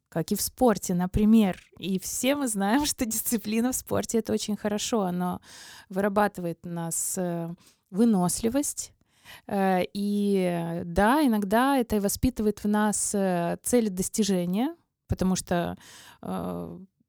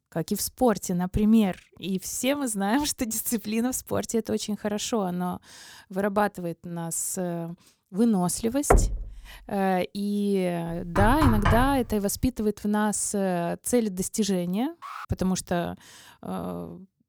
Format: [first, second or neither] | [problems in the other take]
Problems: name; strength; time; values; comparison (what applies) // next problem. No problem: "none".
first | door banging; loud; at 8.5 s and at 11 s; peak 3 dB above the speech // alarm; faint; at 15 s; peak 15 dB below the speech